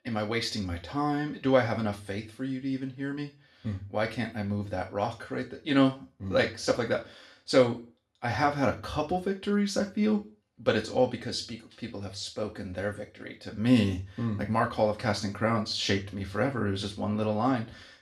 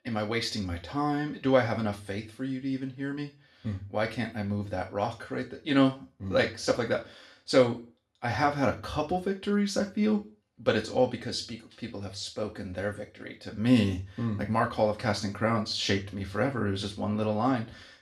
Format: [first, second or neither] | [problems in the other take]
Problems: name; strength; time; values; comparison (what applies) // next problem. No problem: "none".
neither | room echo; slight; dies away in 0.3 s; the same in both // off-mic speech; far; the same in both